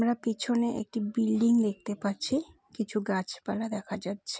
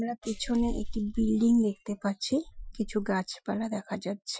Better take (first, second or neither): first